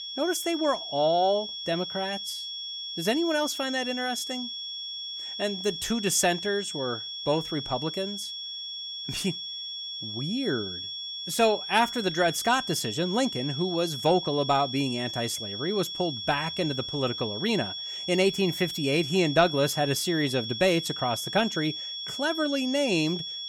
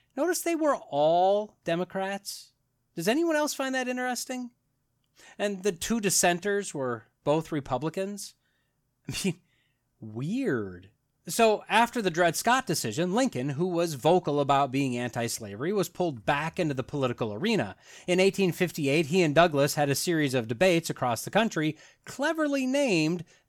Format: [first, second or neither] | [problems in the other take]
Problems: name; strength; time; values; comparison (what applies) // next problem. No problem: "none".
second | high-pitched whine; loud; throughout; 3.5 kHz, 6 dB below the speech